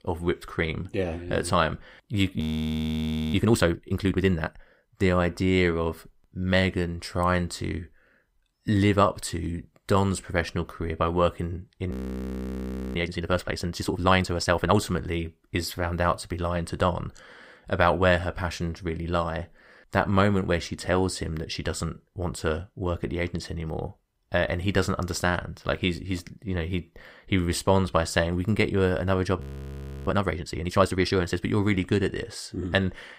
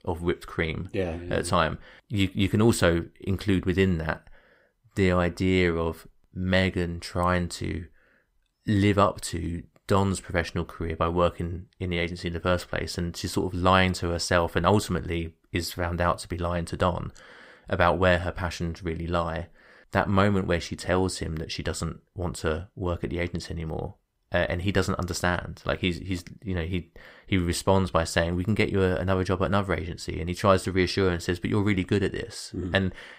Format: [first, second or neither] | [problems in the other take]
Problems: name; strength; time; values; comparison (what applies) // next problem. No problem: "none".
second | audio freezing; at 2.5 s for 1 s, at 12 s for 1 s and at 29 s for 0.5 s